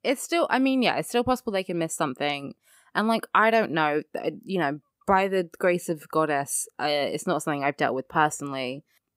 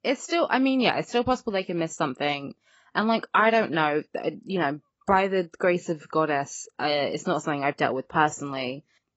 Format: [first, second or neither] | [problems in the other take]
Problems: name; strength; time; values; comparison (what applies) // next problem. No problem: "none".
first | garbled, watery; badly; nothing above 7.5 kHz